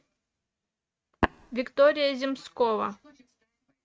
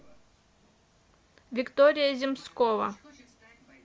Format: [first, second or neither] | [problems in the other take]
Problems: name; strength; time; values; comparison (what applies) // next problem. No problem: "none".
second | noise reduction (neural mask model RNNoise)